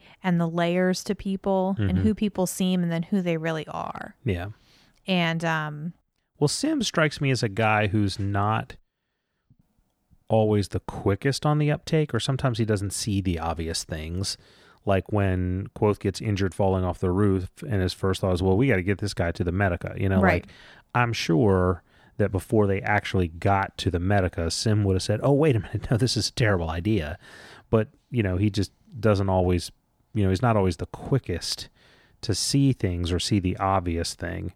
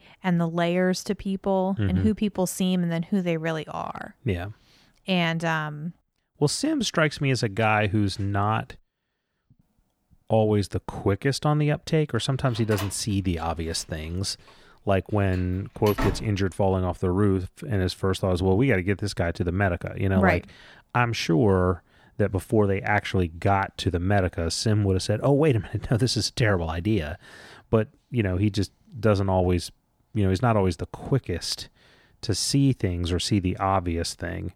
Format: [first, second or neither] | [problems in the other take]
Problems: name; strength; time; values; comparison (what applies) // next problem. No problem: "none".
first | door banging; noticeable; from 13 to 16 s; peak 5 dB below the speech